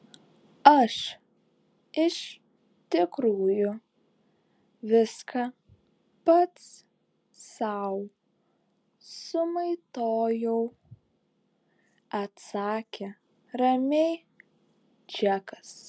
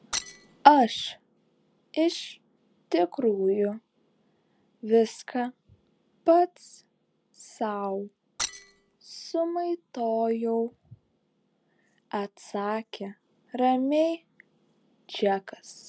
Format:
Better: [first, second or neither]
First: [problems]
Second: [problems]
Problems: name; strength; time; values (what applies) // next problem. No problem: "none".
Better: first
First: none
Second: background sound (Shatter); 9 dB below the speech